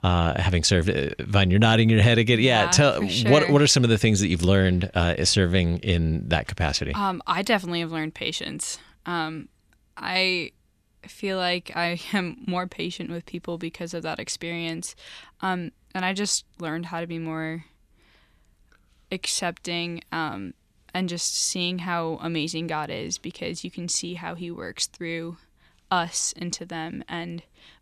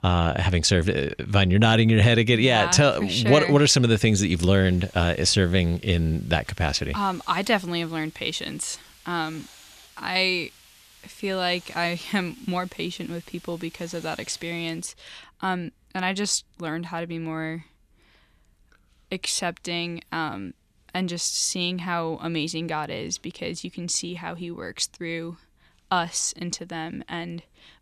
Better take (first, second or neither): first